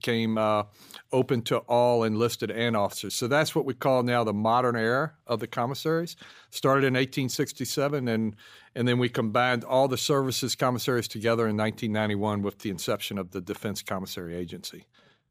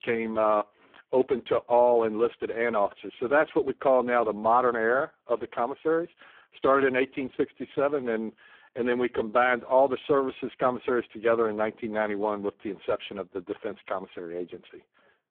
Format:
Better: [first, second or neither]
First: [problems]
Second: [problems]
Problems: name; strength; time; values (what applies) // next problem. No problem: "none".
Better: first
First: none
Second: phone-call audio; poor line